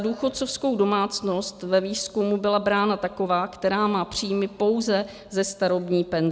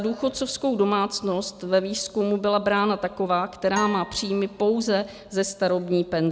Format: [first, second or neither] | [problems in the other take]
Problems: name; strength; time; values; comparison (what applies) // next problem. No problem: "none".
first | background sound (Acoustic guitar); 14 dB below the speech